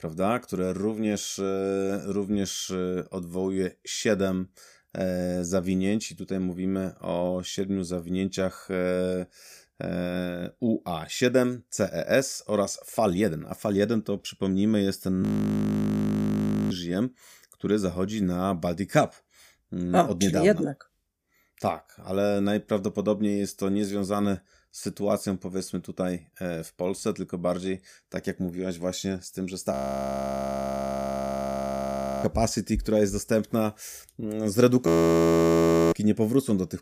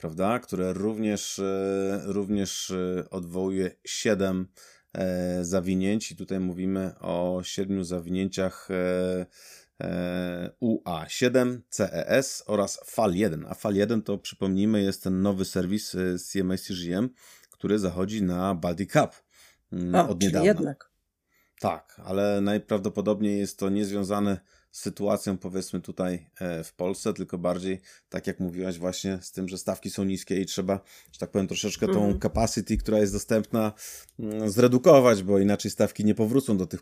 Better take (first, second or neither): second